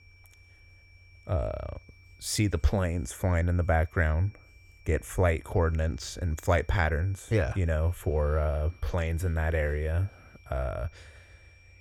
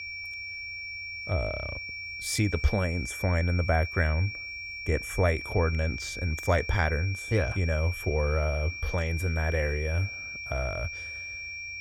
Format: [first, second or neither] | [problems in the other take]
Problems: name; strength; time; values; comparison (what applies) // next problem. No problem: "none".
first | high-pitched whine; loud; throughout; 2.5 kHz, 6 dB below the speech; faint in the first